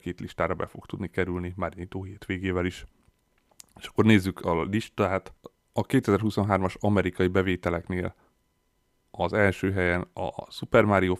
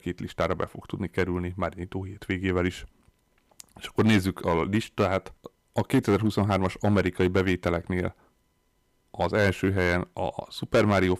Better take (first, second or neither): first